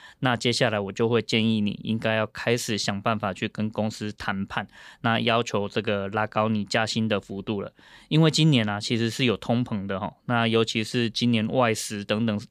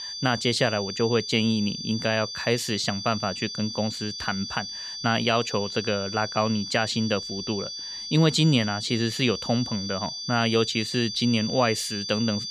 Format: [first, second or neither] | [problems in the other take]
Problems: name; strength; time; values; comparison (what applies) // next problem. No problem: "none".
first | high-pitched whine; loud; throughout; 4.5 kHz, 7 dB below the speech